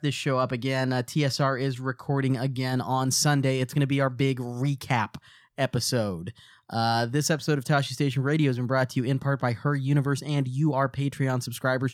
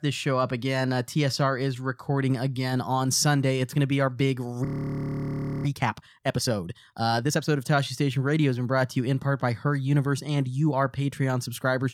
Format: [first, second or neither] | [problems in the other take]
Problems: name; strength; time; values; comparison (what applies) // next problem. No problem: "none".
first | audio freezing; at 4.5 s for 1 s